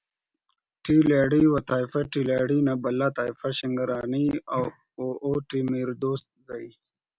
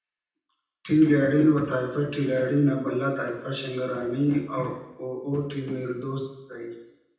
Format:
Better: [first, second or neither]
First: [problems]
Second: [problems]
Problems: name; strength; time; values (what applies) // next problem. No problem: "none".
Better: first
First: none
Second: room echo; dies away in 0.9 s